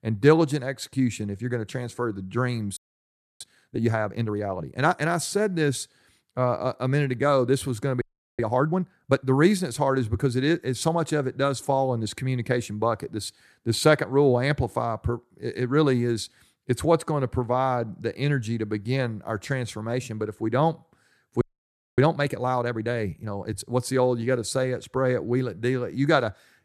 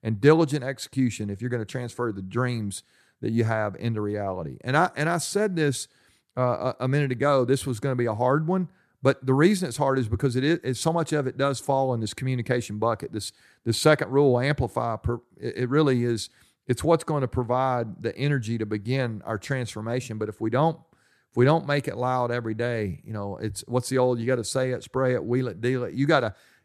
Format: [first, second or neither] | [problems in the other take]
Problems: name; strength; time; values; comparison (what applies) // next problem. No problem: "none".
second | audio freezing; at 3 s for 0.5 s, at 8 s and at 21 s for 0.5 s